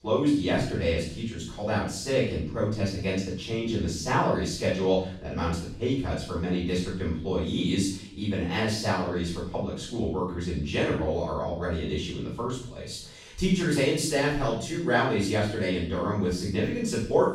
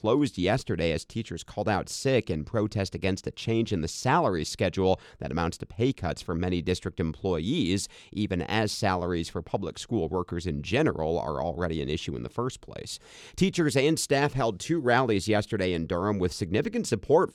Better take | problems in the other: second | off-mic speech; far // room echo; noticeable; dies away in 0.5 s

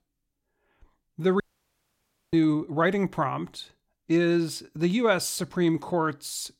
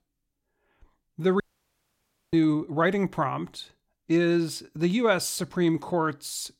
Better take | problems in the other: neither | audio cutting out; at 1.5 s for 1 s; the same in both

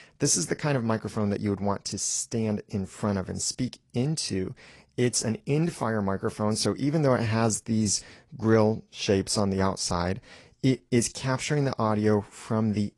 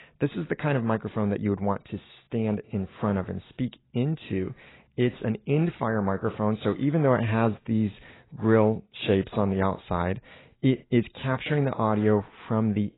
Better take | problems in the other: first | garbled, watery; badly; nothing above 4 kHz; slightly in the first

